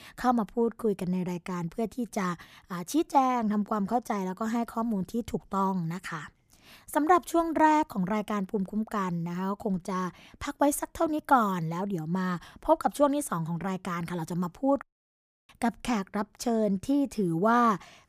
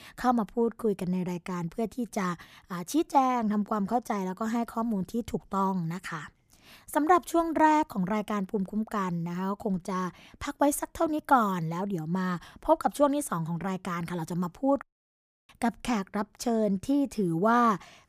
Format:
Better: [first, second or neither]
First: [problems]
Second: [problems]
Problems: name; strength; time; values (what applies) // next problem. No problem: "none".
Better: neither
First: audio cutting out; at 15 s for 0.5 s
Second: audio cutting out; at 15 s for 0.5 s